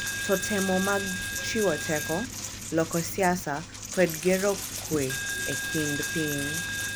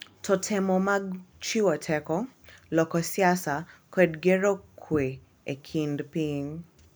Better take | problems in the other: second | background sound (Coin (dropping)); 4 dB below the speech

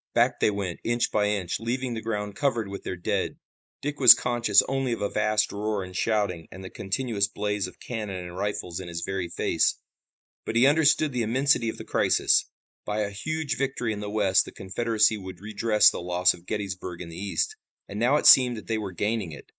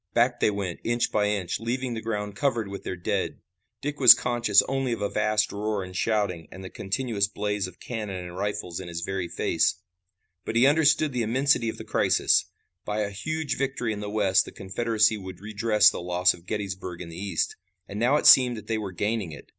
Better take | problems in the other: second | noise reduction (neural mask model Resemble Enhance denoiser)

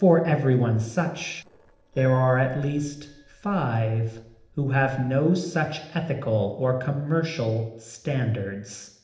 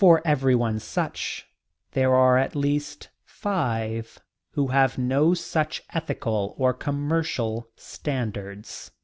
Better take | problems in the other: second | noise reduction (neural separator model SepFormer DNS4)

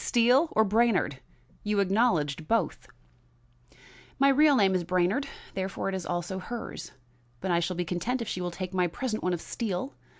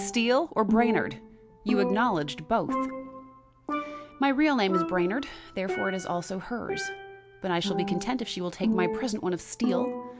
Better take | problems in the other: first | background sound (Percussion); 4 dB below the speech

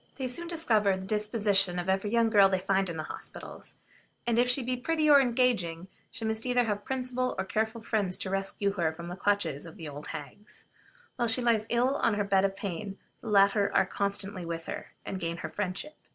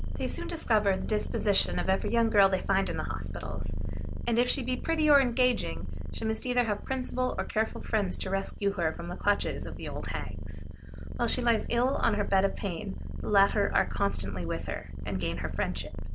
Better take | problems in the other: first | background sound (Purr); 3 dB below the speech

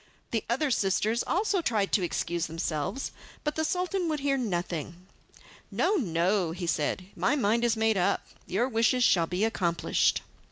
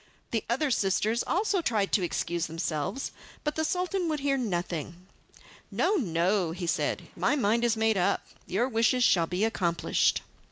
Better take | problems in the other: first | noise reduction (neural mask model Resemble Enhance denoiser)

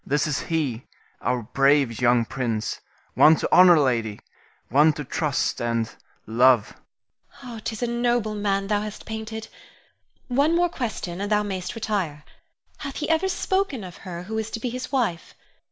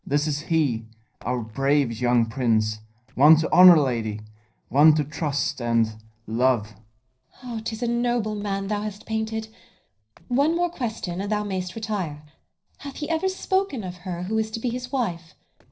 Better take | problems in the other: first | noise reduction (neural separator model SepFormer DNS4)

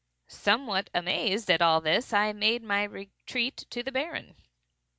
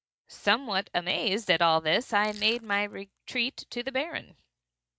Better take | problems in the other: first | noise reduction (neural mask model RNNoise)

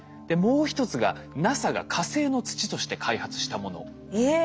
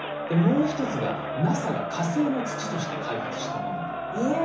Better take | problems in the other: first | background sound (Crowd); 5 dB below the speech // room echo; dies away in 0.7 s

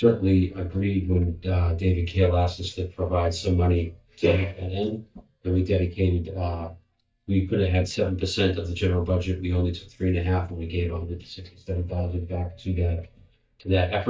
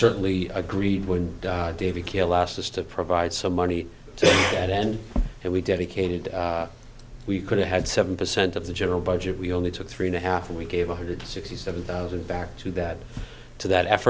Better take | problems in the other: second | noise reduction (neural mask model DeepFilterNet 3)

